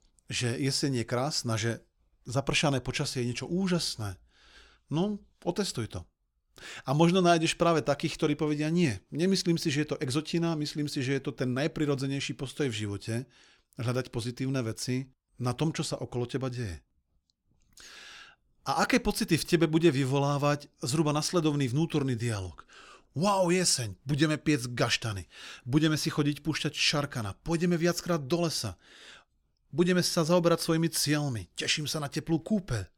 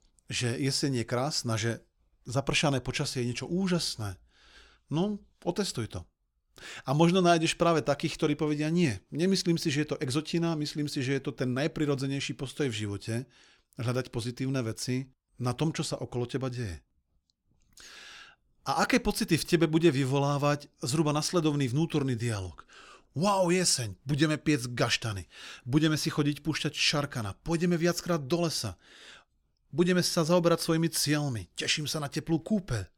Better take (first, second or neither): neither